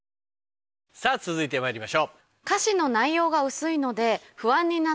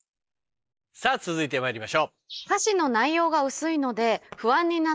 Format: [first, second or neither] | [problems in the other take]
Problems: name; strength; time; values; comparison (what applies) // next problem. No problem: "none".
first | noise reduction (neural mask model Resemble Enhance denoiser)